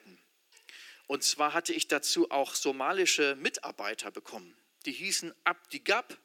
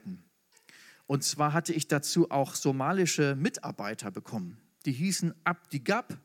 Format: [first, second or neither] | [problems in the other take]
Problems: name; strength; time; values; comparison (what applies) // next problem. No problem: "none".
second | thin; somewhat; fading below 350 Hz